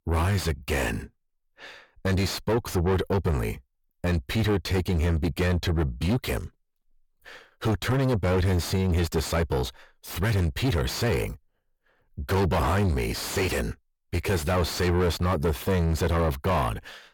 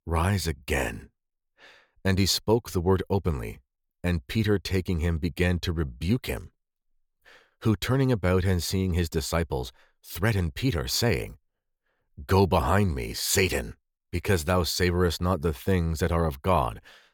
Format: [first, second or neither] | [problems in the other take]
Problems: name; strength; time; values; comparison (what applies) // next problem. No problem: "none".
second | distortion; heavy; 6 dB below the speech